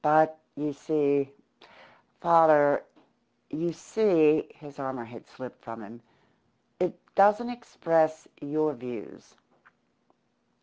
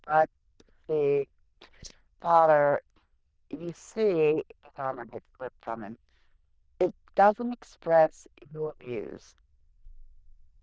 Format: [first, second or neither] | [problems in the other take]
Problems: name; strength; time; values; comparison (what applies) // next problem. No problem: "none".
first | noise reduction (neural diffusion model UNIVERSE++)